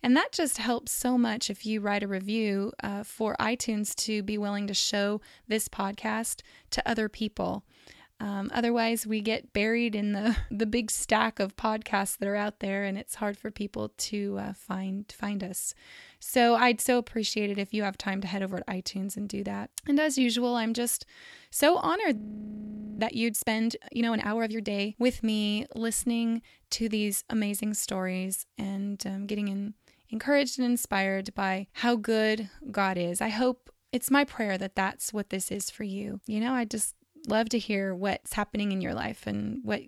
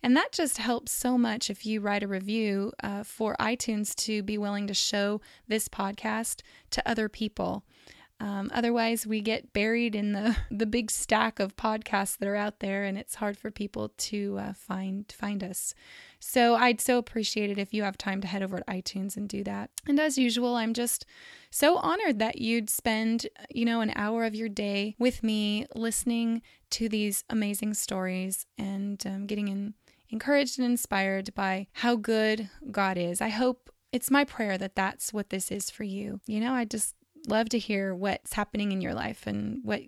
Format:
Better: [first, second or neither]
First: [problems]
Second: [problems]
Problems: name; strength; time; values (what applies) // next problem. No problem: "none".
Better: second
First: audio freezing; at 22 s for 1 s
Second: none